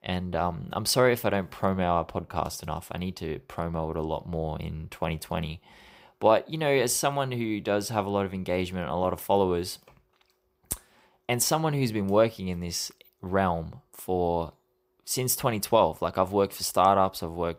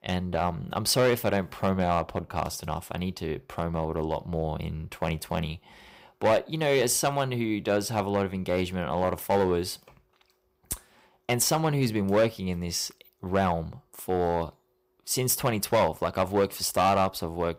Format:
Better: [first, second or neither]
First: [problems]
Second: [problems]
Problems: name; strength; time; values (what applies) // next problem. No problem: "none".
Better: first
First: none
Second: distortion; slight; 3% of the sound clipped